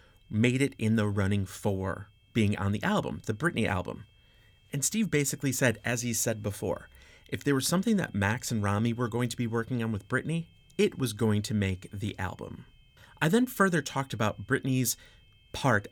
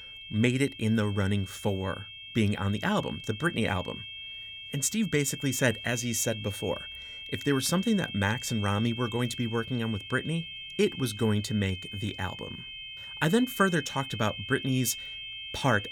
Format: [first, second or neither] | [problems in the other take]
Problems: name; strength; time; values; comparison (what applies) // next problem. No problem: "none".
first | high-pitched whine; loud; throughout; 3 kHz, 10 dB below the speech; faint in the first